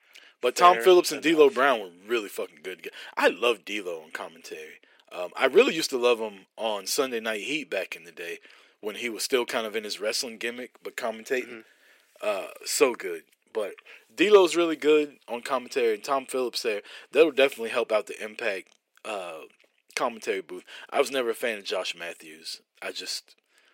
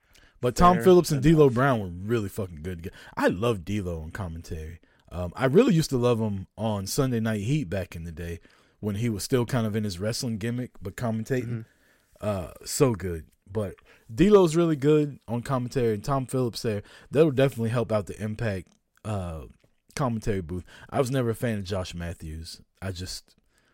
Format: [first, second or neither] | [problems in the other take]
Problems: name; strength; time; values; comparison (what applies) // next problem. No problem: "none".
second | thin; very; fading below 350 Hz